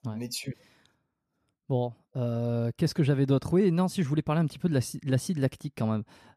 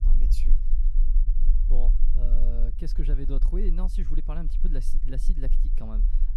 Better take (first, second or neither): first